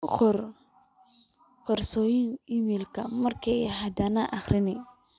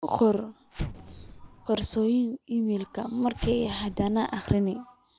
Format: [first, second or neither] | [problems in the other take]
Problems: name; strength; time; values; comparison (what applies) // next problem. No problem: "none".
first | background sound (Explosion); 13 dB below the speech